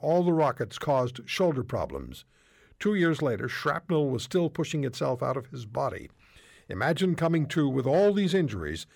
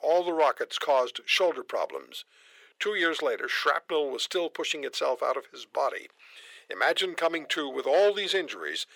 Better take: first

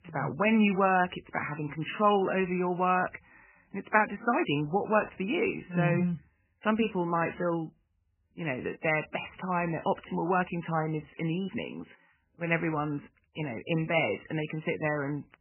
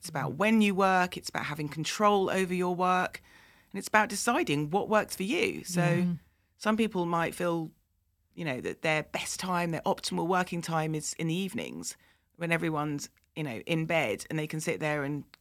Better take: second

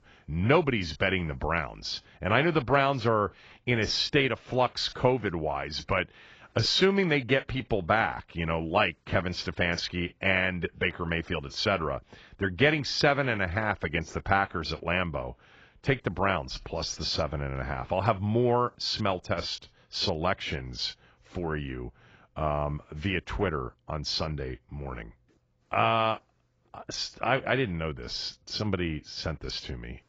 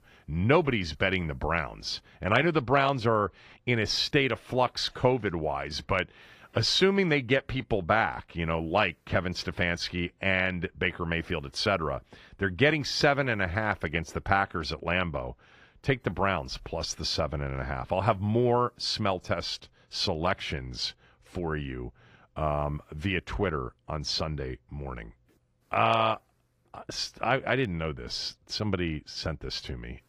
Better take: second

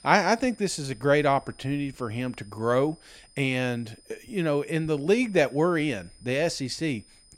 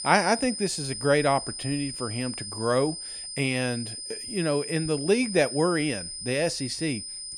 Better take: first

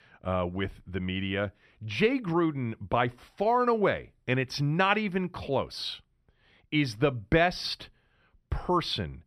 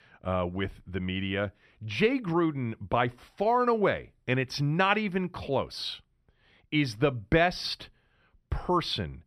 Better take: neither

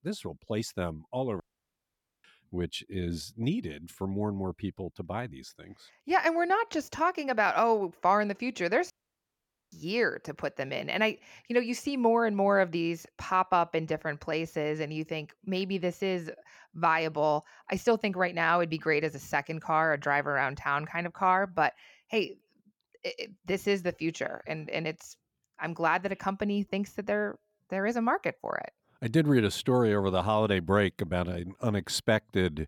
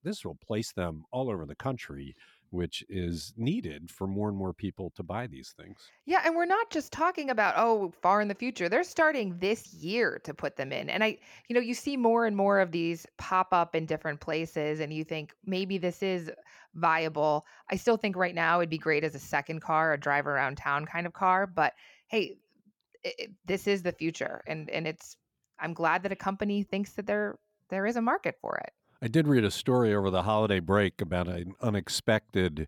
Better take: second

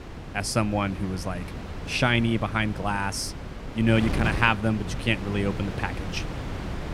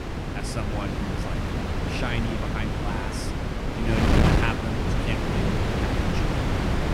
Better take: first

